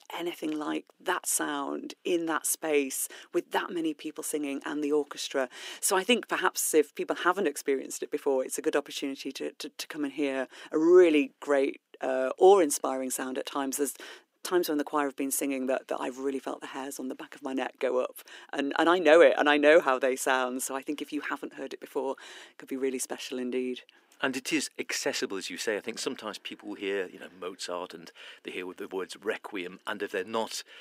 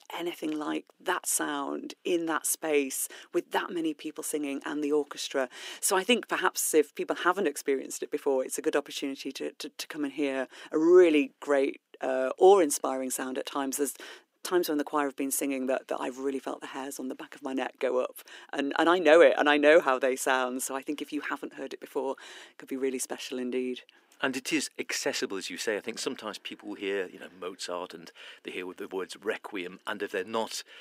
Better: neither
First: thin; very slightly; fading below 300 Hz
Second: thin; very slightly; fading below 300 Hz

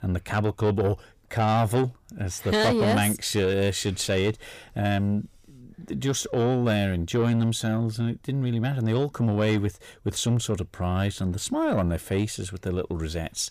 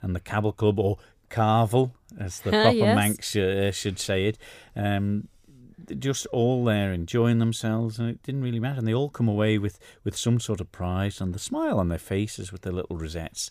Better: second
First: distortion; slight; 10 dB below the speech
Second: none

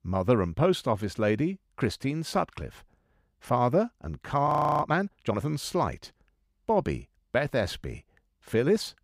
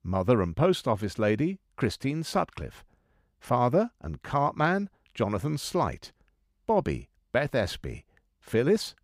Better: second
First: audio freezing; at 4.5 s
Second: none

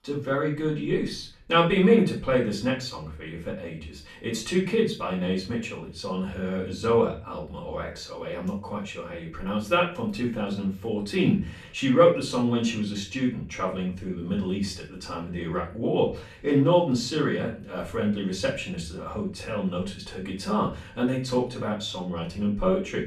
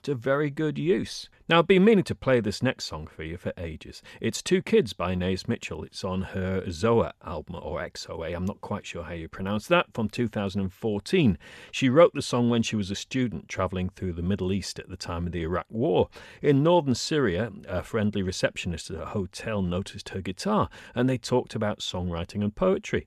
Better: second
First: room echo; slight; dies away in 0.3 s // off-mic speech; far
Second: none

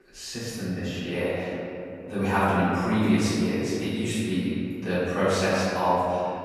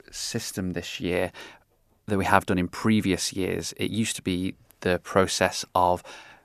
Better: second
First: off-mic speech; far // room echo; strong; dies away in 2.7 s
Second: none

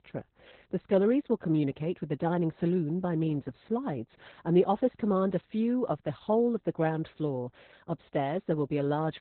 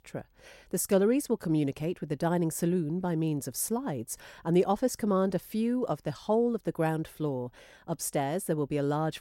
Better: second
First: garbled, watery; badly; nothing above 4 kHz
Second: none

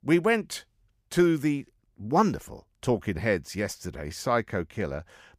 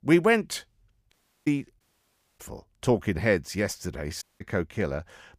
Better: first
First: none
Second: audio cutting out; at 1 s, at 2 s for 0.5 s and at 4 s

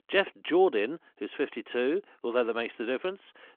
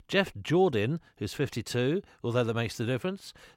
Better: second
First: phone-call audio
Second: none

